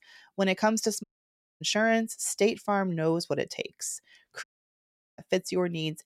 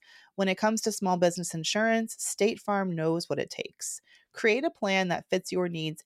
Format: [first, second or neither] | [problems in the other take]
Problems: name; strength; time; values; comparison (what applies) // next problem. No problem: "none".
second | audio cutting out; at 1 s for 0.5 s and at 4.5 s for 0.5 s